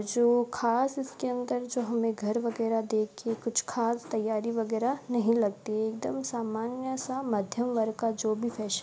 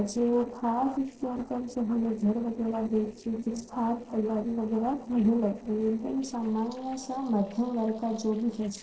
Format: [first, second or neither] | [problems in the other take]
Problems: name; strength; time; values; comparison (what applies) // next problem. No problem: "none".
first | noise reduction (neural separator model SepFormer DNS4)